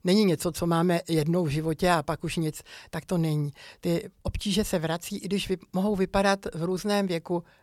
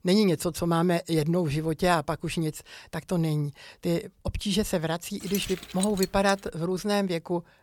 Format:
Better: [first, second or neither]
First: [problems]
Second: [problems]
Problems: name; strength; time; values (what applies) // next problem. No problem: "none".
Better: first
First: none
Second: jangling keys; noticeable; from 5.5 to 6.5 s; peak 6 dB below the speech